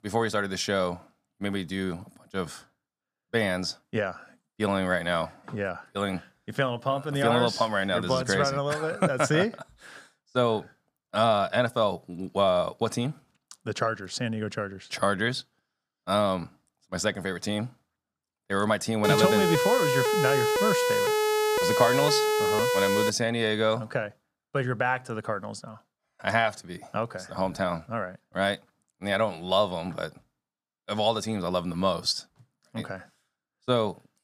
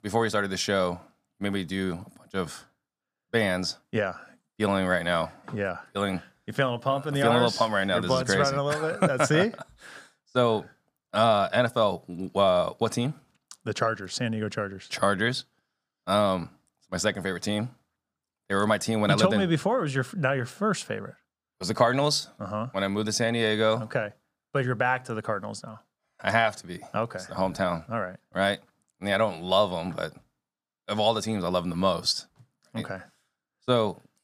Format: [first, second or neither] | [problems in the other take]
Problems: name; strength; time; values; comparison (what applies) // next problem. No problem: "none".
second | siren; loud; from 19 to 23 s; peak 4 dB above the speech